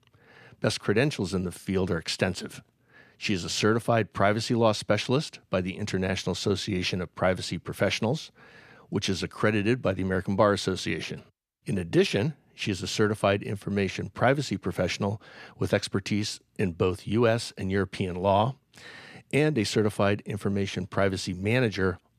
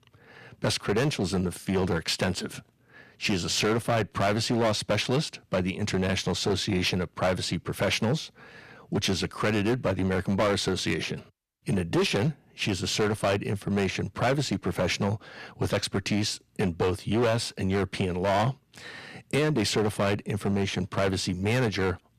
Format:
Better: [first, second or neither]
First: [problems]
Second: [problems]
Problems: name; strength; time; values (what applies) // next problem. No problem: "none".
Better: first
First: none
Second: distortion; heavy; 9% of the sound clipped